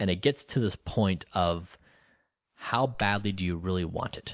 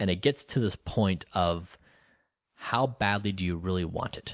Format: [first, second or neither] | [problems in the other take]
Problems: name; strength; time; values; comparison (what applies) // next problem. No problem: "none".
second | background sound (Cutlery, silverware); 12 dB below the speech